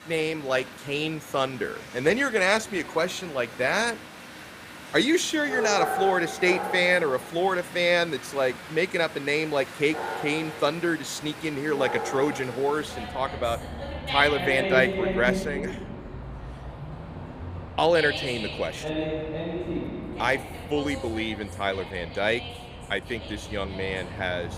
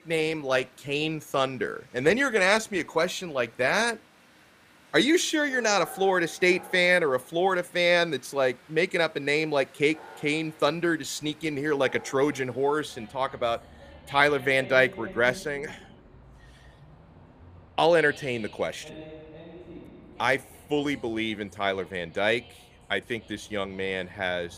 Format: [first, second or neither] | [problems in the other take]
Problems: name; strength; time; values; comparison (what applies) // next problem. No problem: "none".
second | animal sounds; loud; throughout; 8 dB below the speech; faint in the second